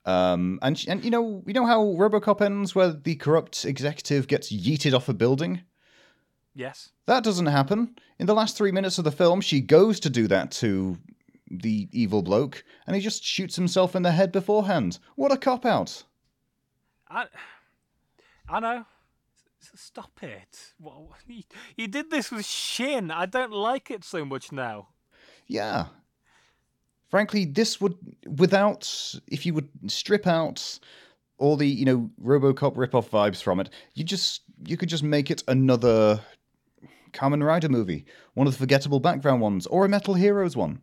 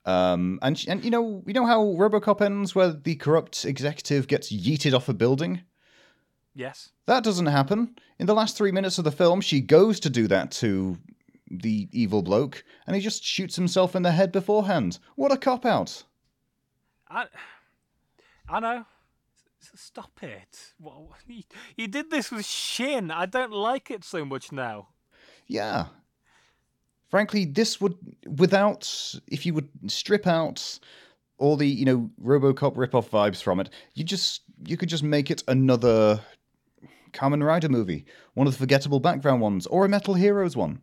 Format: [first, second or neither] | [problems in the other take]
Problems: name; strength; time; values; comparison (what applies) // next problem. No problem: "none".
neither | none